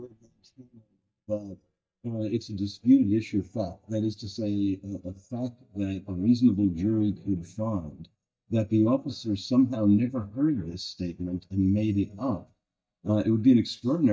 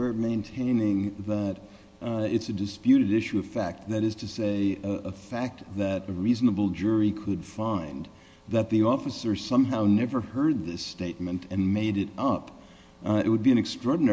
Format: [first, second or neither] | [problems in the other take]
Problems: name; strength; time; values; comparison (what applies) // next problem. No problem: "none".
second | noise reduction (neural mask model DeepFilterNet 3)